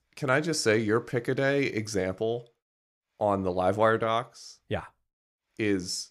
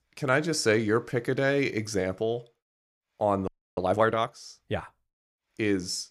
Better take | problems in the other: first | audio freezing; at 3.5 s

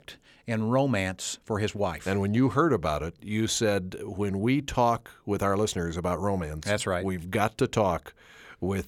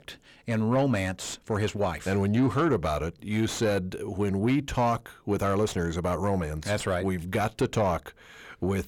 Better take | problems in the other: first | distortion; slight; 10 dB below the speech

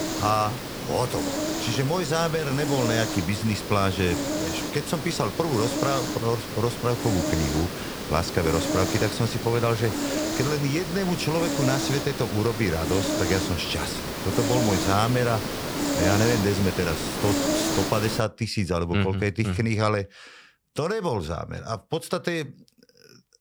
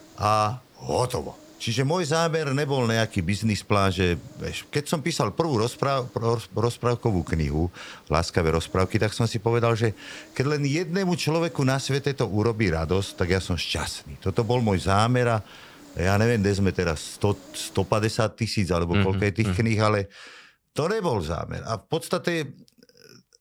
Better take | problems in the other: second | hiss; loud; until 18 s; 2 dB below the speech; faint in the second

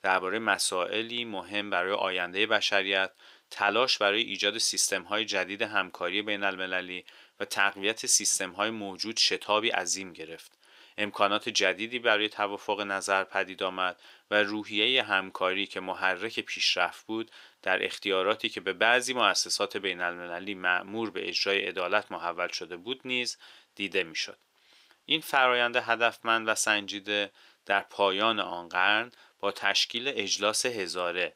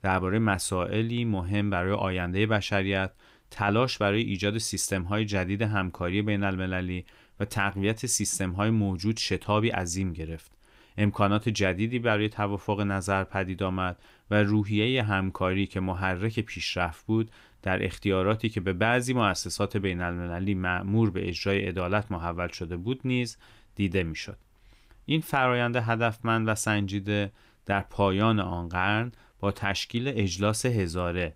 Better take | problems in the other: second | thin; very; fading below 500 Hz

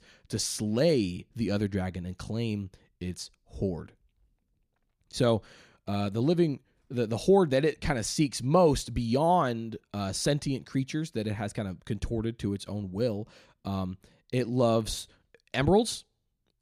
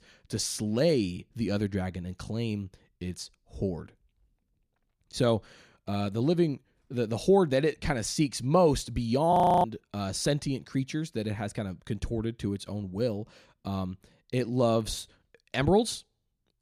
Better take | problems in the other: first | audio freezing; at 9.5 s

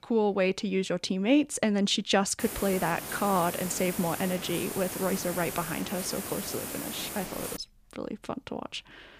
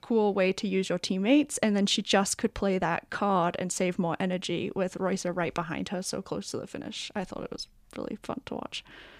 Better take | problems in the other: second | hiss; loud; from 2.5 to 7.5 s; 6 dB below the speech

